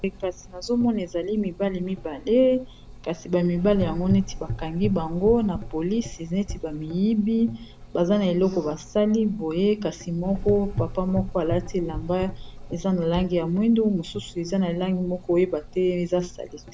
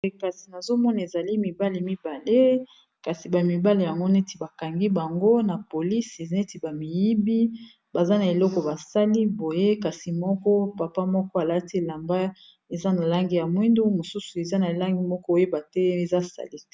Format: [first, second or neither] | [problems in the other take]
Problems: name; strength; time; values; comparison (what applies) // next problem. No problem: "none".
second | background sound (Gurgling / Engine); 11 dB below the speech